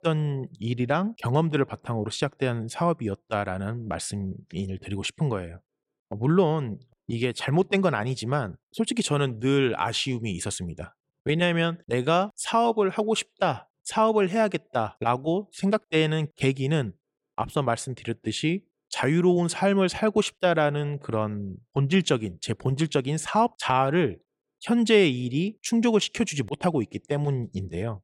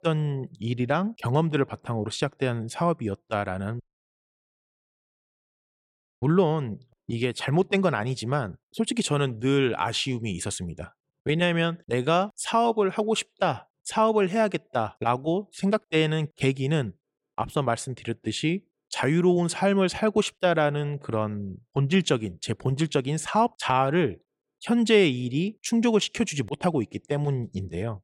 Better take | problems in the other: first | audio cutting out; at 4 s for 2.5 s

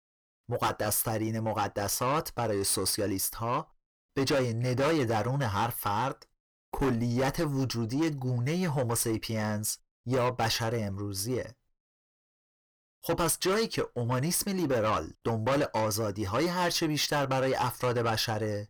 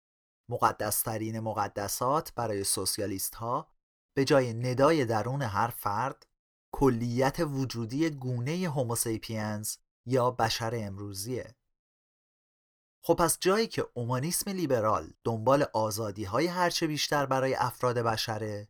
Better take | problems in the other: second | distortion; heavy; 8 dB below the speech

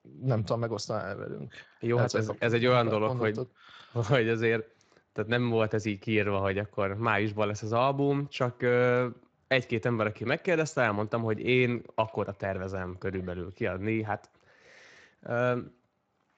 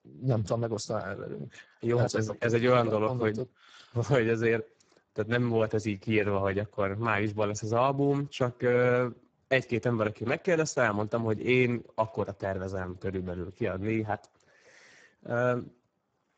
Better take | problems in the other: first | garbled, watery; badly; nothing above 7.5 kHz; slightly in the first

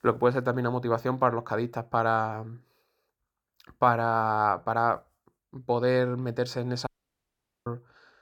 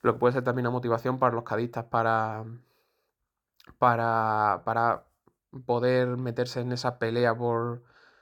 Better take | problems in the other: second | audio cutting out; at 7 s for 1 s

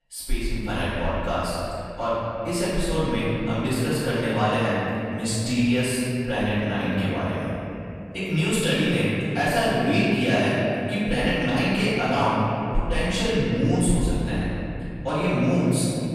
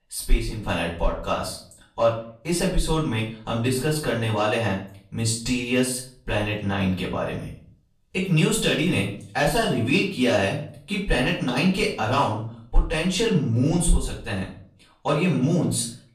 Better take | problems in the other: second | room echo; strong; dies away in 3 s; slight in the second // off-mic speech; far; far in the second

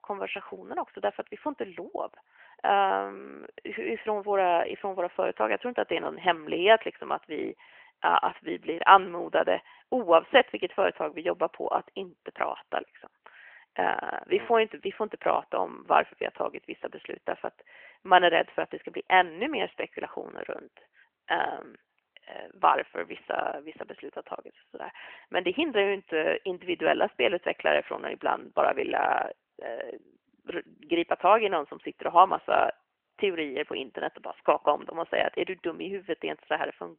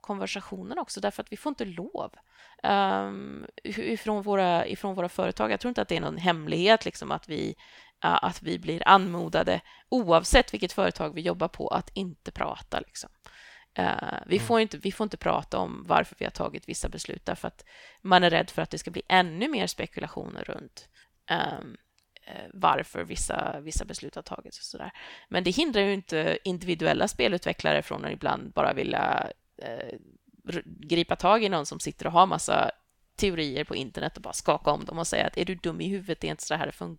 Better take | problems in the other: second | phone-call audio; nothing above 3 kHz

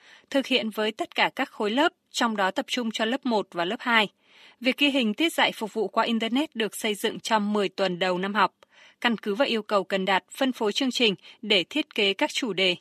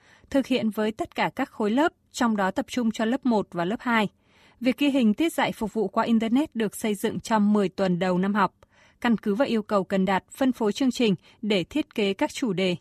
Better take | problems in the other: second | thin; very slightly; fading below 300 Hz

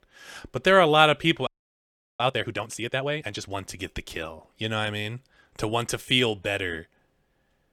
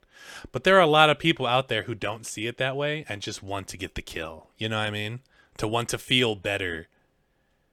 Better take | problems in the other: second | audio freezing; at 1.5 s for 0.5 s

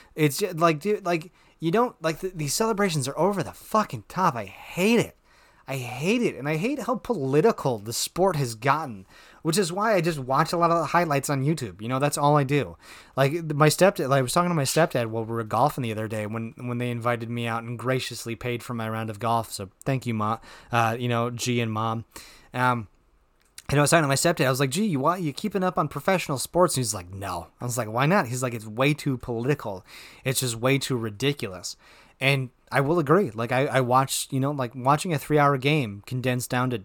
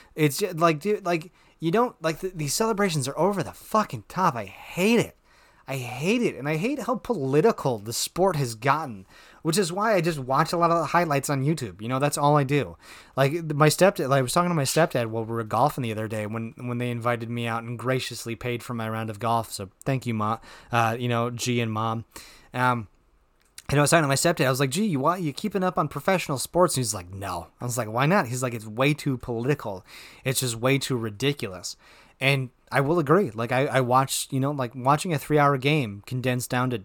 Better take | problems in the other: neither | none

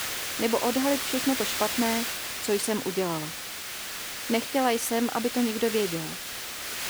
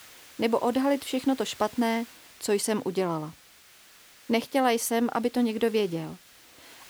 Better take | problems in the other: second | hiss; loud; throughout; 3 dB below the speech; faint in the second

